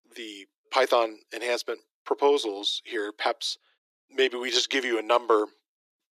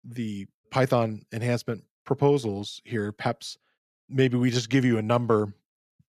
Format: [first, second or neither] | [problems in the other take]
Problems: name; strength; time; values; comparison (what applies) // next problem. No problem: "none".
second | thin; very; fading below 300 Hz